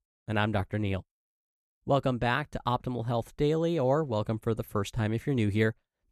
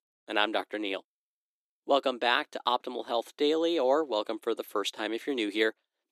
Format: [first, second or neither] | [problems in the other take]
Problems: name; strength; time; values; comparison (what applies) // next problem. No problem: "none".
first | thin; somewhat; fading below 300 Hz